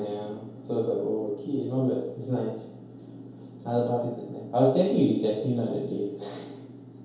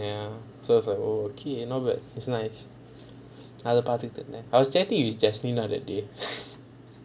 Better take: second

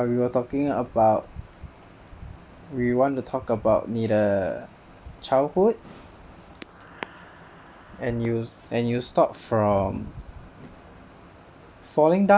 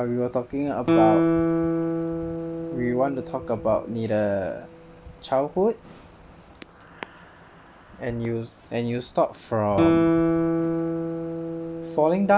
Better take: first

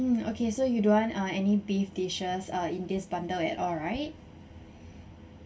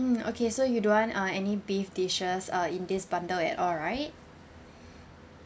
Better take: second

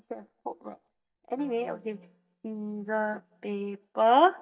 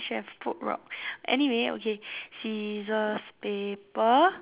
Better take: second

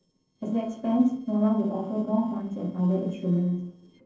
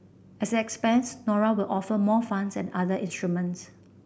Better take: second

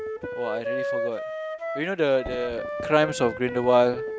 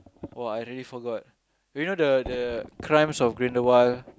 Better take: second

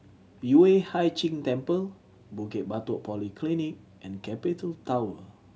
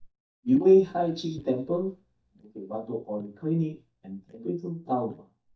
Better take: first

